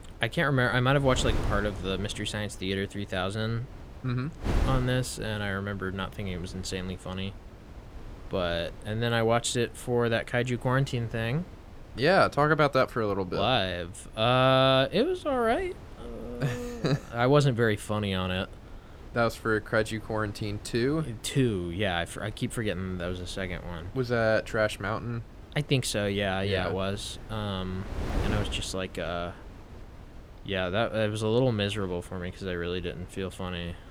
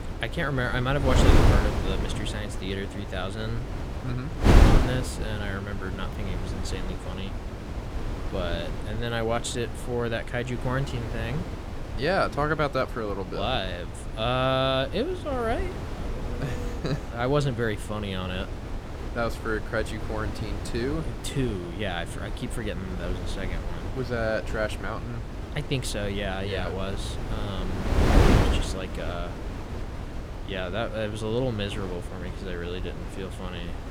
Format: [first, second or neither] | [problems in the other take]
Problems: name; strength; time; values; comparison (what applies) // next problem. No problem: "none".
first | wind noise on the microphone; heavy; 5 dB below the speech; occasional gusts in the first